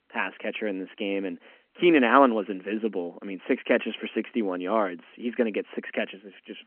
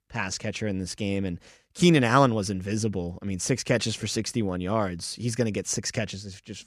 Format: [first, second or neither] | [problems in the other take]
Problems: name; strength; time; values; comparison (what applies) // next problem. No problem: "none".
second | phone-call audio; nothing above 3 kHz